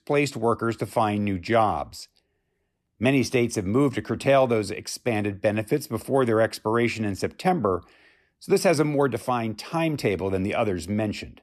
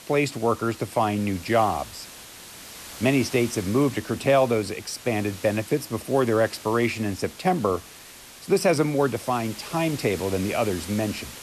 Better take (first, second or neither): first